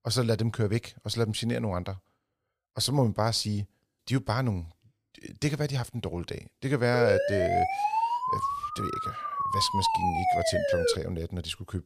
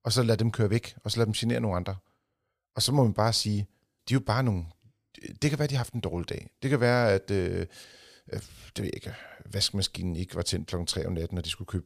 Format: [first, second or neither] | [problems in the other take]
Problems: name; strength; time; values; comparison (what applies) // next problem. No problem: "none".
second | siren; loud; from 7 to 11 s; peak 3 dB above the speech